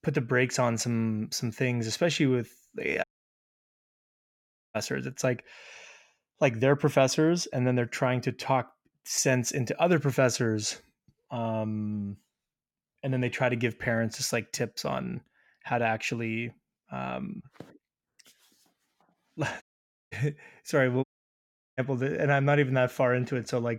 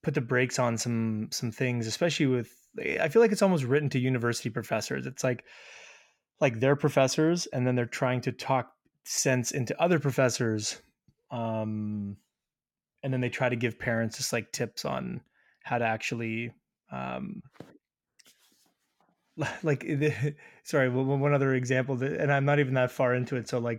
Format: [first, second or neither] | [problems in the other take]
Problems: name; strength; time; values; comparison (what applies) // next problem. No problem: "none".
second | audio cutting out; at 3 s for 1.5 s, at 20 s and at 21 s for 0.5 s